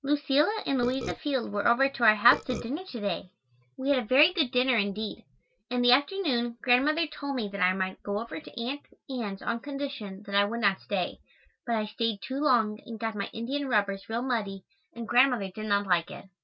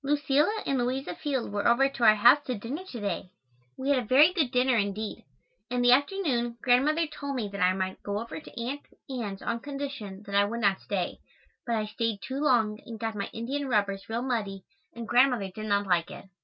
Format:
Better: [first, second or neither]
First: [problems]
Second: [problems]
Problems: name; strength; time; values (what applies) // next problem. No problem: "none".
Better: second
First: background sound (Burping, eructation); 7 dB below the speech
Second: none